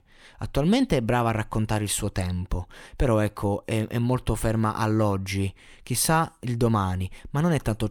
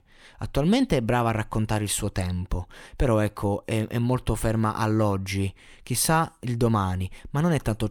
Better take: neither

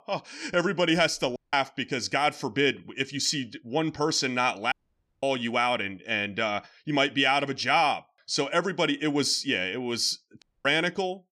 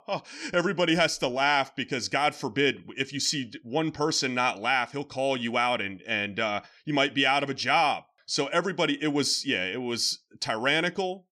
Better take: second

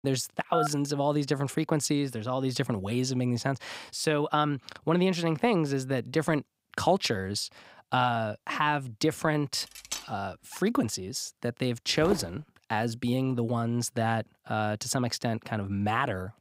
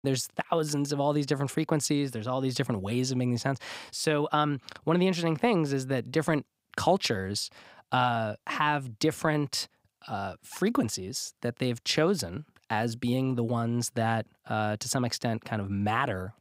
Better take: second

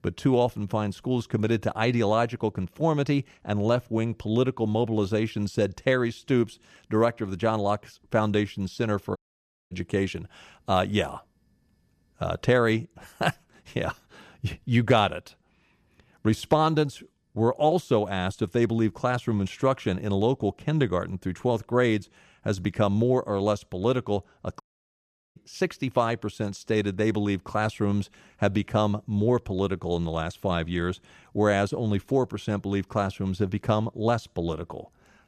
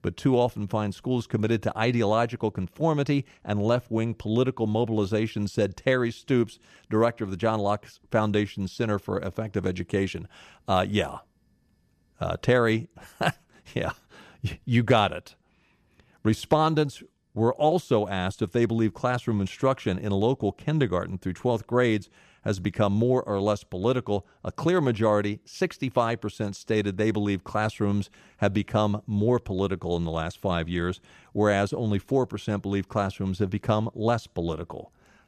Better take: second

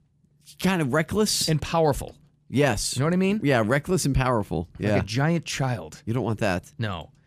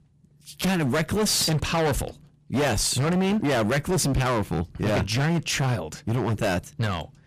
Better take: first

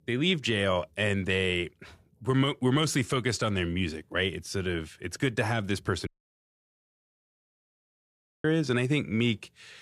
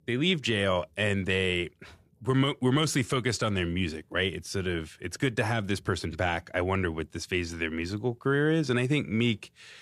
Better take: second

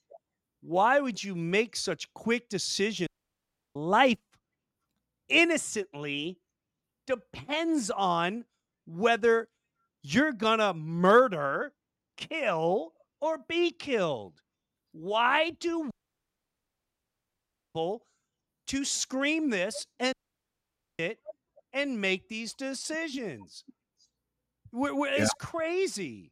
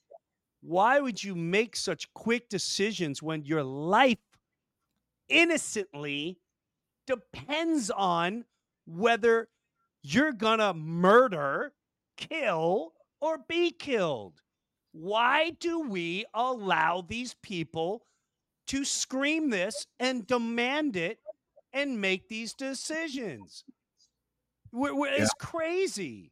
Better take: second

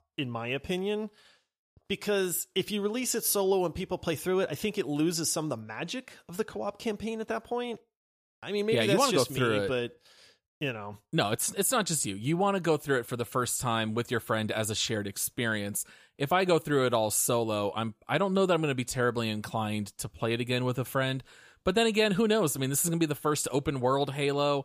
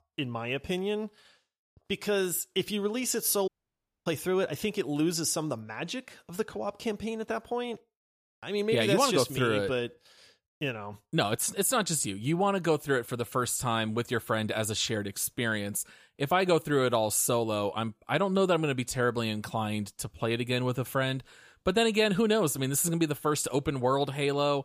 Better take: first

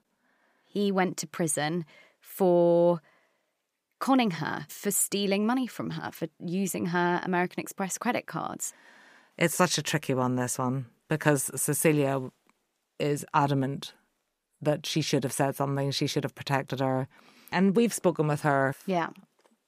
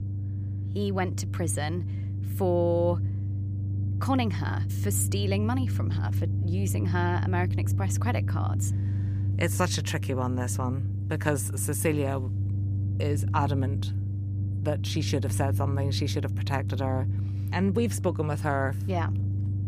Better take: first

